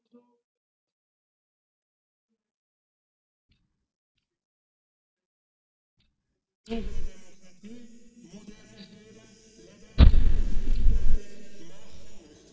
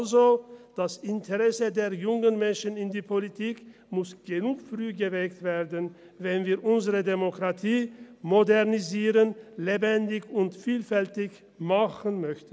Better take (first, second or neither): second